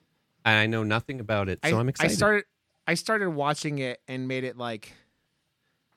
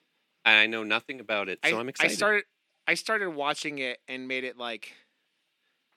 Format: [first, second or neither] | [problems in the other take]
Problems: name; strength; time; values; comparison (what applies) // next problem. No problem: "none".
first | thin; somewhat; fading below 250 Hz